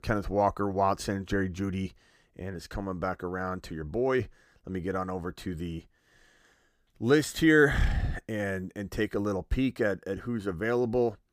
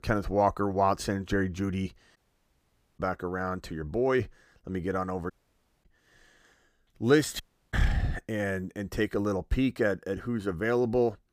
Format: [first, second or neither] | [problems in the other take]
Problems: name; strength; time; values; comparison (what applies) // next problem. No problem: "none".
first | audio cutting out; at 2 s for 1 s, at 5.5 s for 0.5 s and at 7.5 s